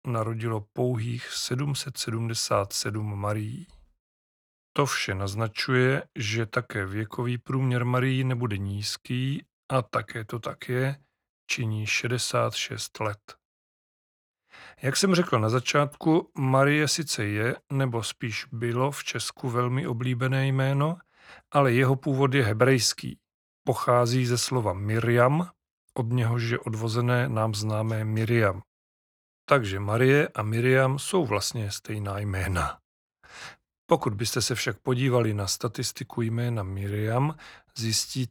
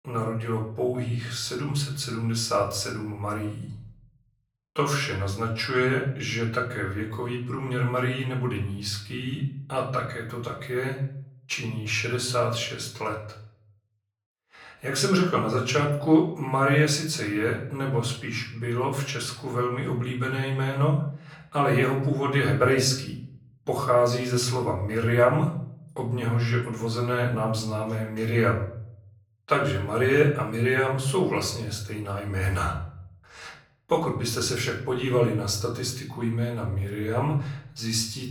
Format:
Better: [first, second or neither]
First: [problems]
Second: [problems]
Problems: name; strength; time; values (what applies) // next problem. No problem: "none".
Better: first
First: none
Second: room echo; slight; dies away in 0.5 s // off-mic speech; far